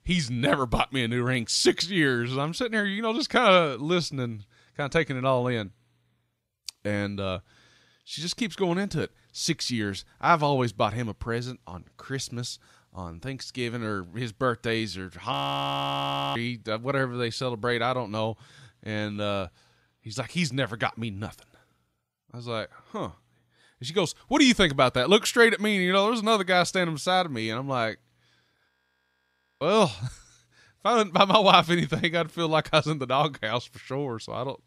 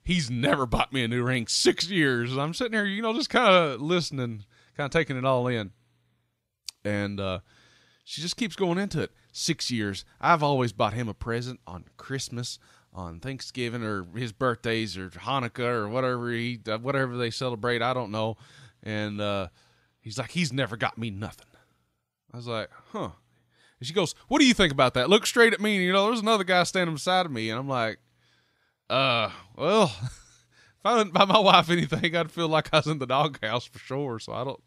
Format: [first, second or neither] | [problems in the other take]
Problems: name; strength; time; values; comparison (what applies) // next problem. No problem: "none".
second | audio freezing; at 15 s for 1 s and at 29 s for 1 s